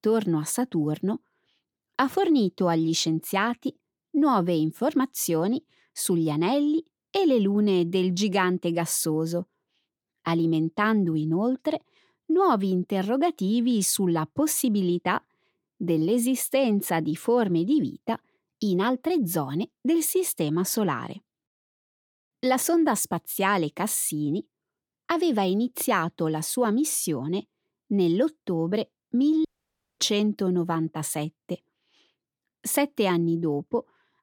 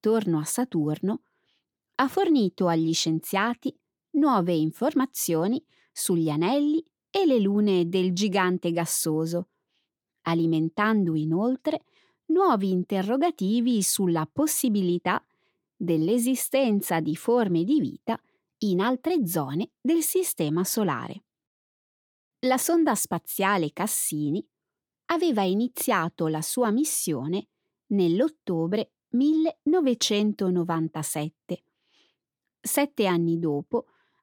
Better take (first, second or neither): second